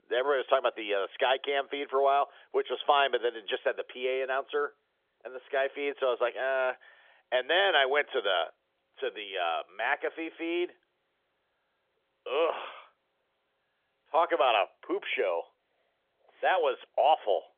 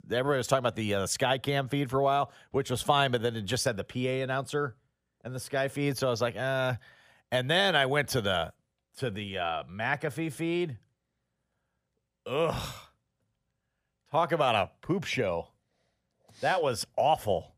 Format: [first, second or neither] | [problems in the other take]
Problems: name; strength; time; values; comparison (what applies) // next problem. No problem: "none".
second | phone-call audio; nothing above 3.5 kHz